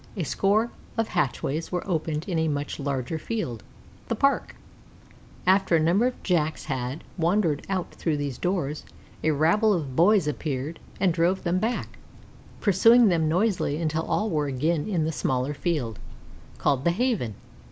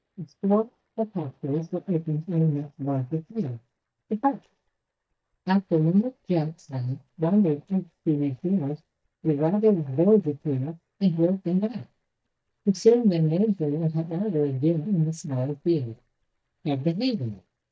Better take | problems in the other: first | noise reduction (neural mask model DeepFilterNet 3)

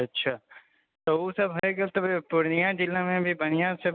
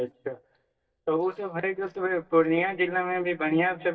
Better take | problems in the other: first | noise reduction (neural mask model DeepFilterNet 3)

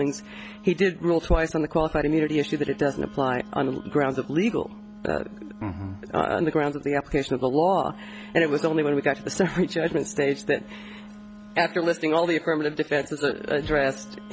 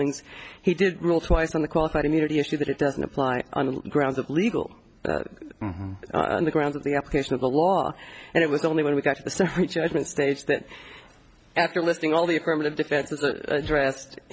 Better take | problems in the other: second | background sound (Wind instrument, woodwind instrument); 19 dB below the speech

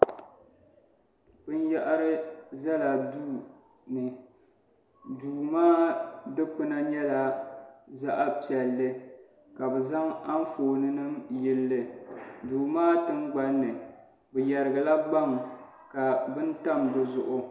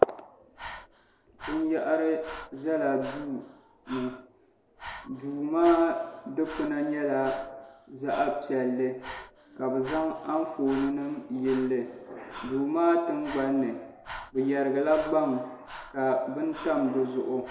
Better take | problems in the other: first | background sound (Breathing); 17 dB below the speech

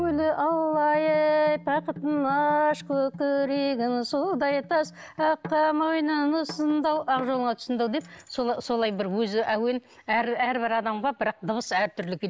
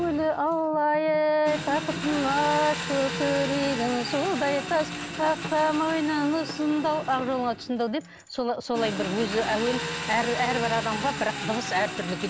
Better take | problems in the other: first | background sound (Engine); 8 dB below the speech

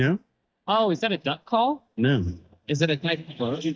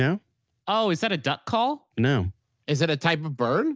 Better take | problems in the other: second | noise reduction (neural mask model DeepFilterNet 3)

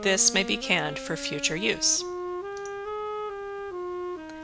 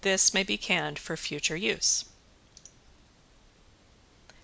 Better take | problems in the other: second | background sound (Wind instrument, woodwind instrument); 6 dB below the speech

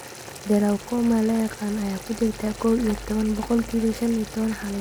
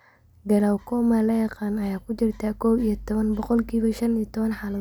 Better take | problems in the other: second | background sound (Boiling); 15 dB below the speech

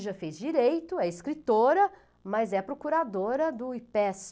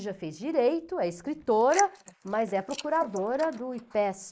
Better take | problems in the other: first | noise reduction (neural mask model Resemble Enhance denoiser)

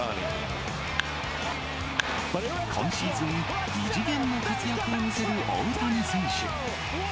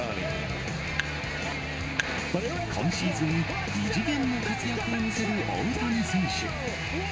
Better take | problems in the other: first | room echo; dies away in 0.8 s

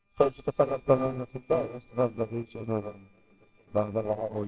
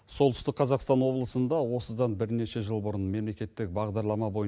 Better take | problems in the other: second | noise reduction (neural separator model SepFormer WHAMR!)

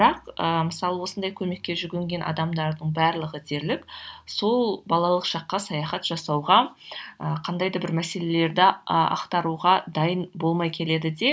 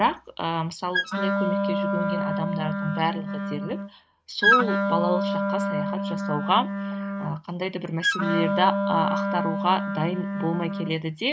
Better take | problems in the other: first | noise reduction (neural mask model RNNoise)

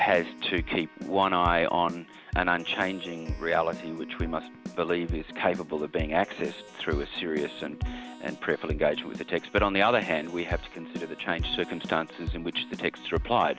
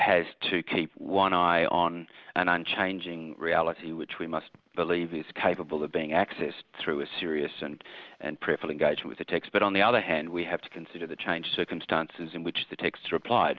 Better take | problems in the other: second | background sound (Keyboard (musical)); 9 dB below the speech

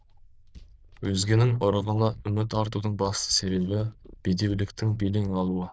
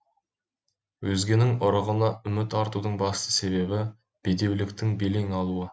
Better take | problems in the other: second | noise reduction (neural diffusion model UNIVERSE++)

